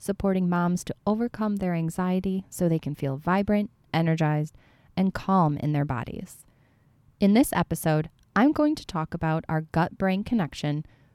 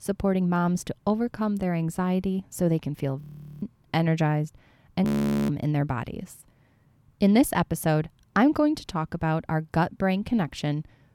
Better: first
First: none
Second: audio freezing; at 3 s and at 5 s

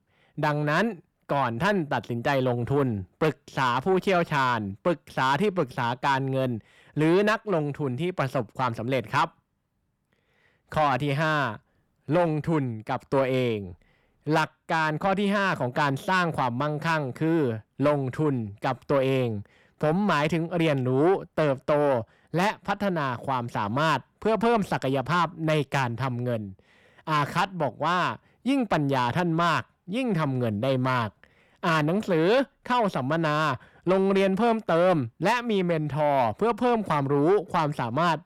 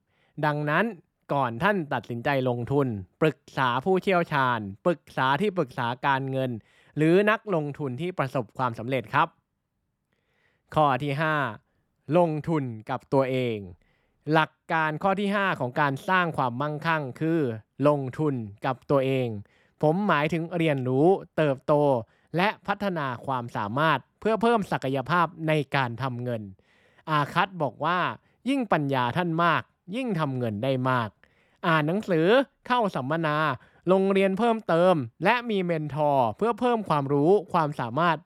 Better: second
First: distortion; slight; 10 dB below the speech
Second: none

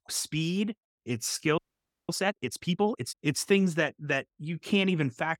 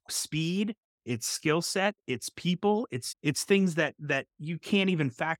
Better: second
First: audio freezing; at 1.5 s for 0.5 s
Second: none

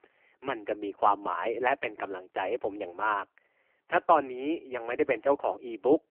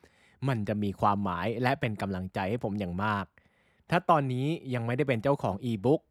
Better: second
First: phone-call audio; poor line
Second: none

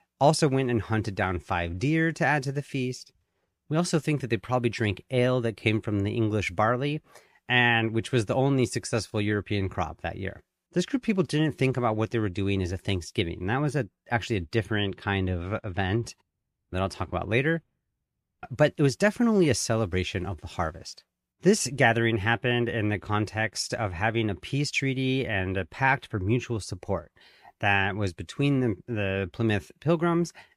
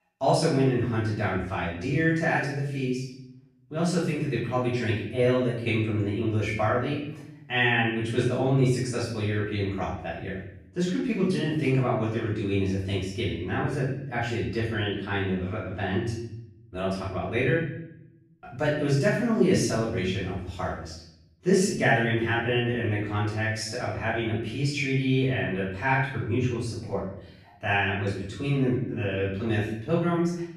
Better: first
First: none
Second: off-mic speech; far // room echo; noticeable; dies away in 0.7 s

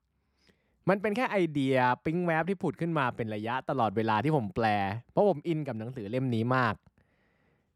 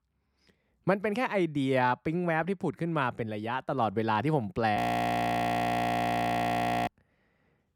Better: first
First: none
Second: audio freezing; at 5 s for 2 s

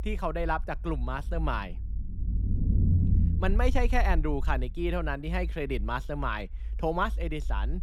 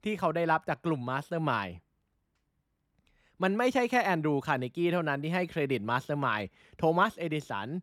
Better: second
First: low rumble; noticeable; throughout; 15 dB below the speech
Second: none

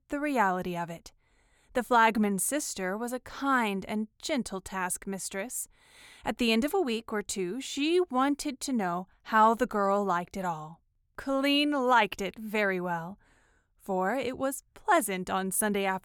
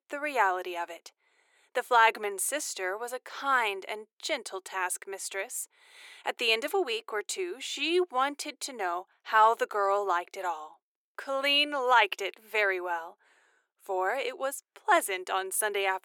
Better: first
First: none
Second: thin; very; fading below 350 Hz

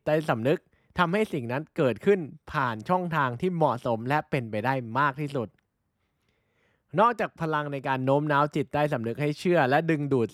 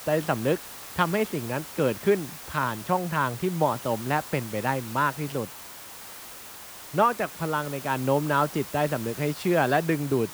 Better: first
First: none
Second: hiss; noticeable; throughout; 10 dB below the speech

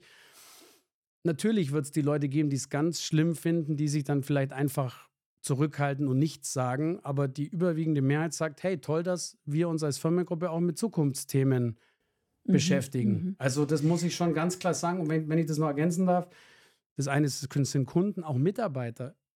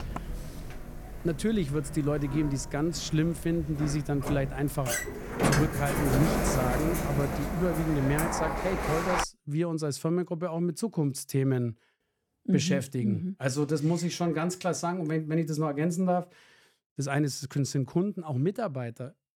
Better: first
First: none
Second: door banging; loud; until 9 s; peak 4 dB above the speech

